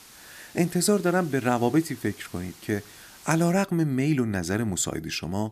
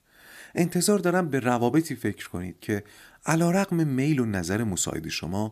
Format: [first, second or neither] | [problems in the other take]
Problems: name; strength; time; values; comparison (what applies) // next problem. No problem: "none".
second | hiss; faint; until 3.5 s; 20 dB below the speech